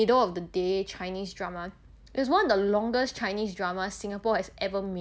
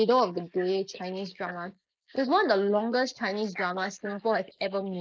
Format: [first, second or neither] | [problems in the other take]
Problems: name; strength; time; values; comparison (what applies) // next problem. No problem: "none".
first | noise reduction (neural mask model Resemble Enhance denoiser)